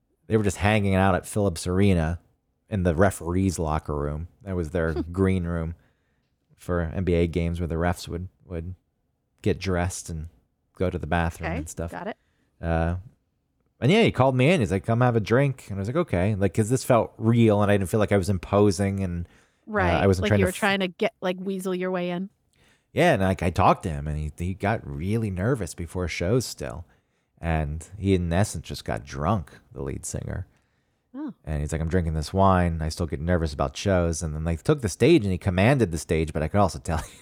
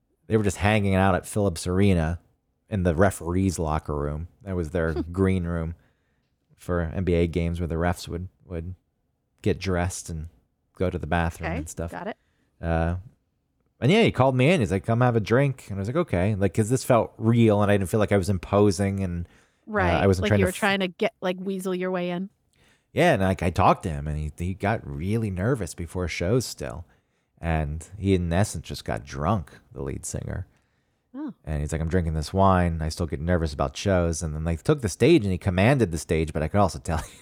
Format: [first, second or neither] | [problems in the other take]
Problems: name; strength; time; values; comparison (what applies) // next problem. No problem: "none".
neither | none